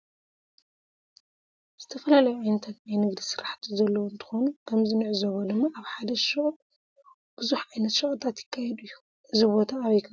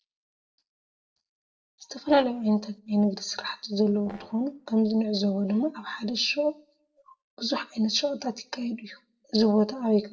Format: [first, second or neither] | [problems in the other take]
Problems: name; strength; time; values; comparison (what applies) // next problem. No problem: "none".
first | noise reduction (neural separator model SepFormer DNS4)